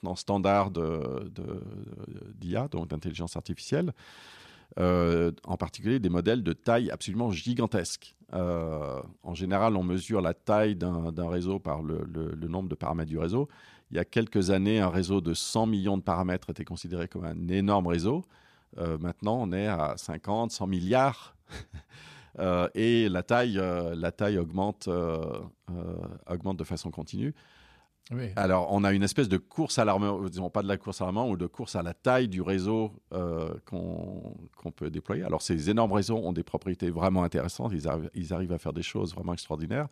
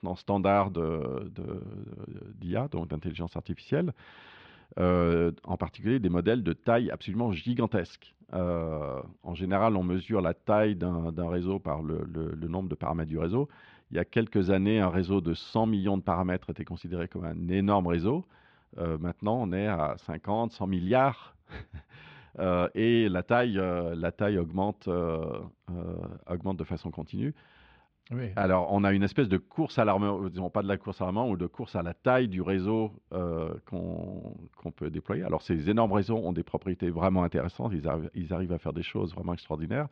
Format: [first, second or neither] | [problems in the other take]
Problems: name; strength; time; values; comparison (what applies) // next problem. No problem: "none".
first | muffled; slightly; fading above 3.5 kHz